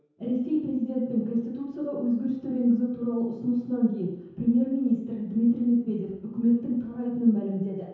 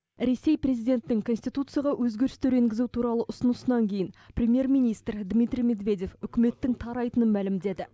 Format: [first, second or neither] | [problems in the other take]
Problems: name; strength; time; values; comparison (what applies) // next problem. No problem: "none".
second | room echo; dies away in 0.9 s